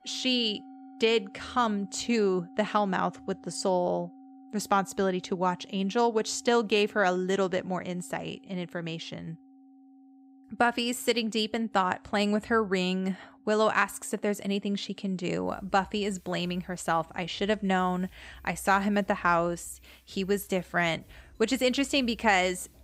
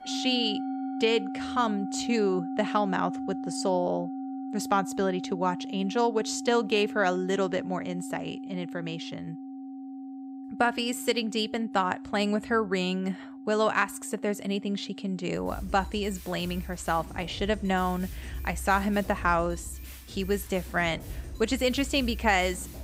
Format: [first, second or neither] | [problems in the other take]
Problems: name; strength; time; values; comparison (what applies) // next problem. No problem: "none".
first | background music; loud; throughout; 10 dB below the speech; faint in the first